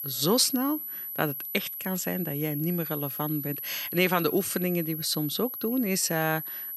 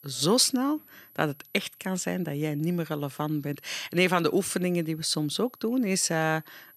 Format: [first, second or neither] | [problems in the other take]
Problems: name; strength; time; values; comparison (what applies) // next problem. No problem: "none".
second | high-pitched whine; loud; throughout; 12 kHz, 5 dB below the speech; faint in the second